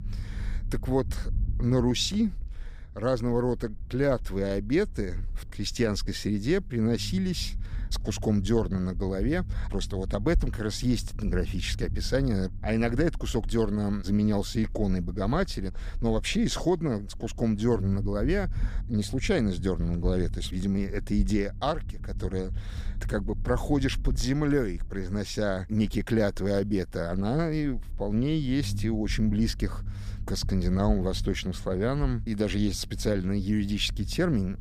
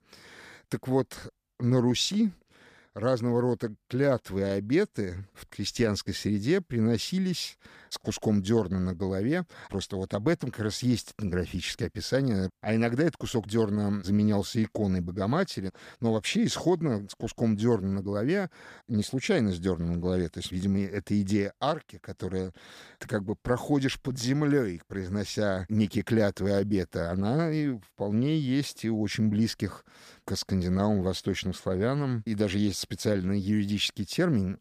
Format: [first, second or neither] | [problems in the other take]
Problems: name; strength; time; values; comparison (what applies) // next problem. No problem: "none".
second | low rumble; faint; throughout; 20 dB below the speech